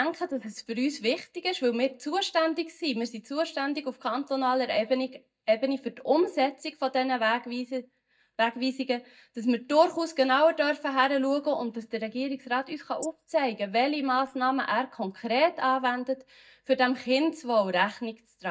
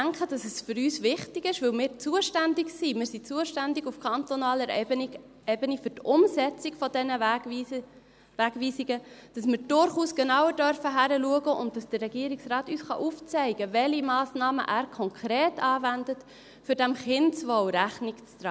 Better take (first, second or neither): second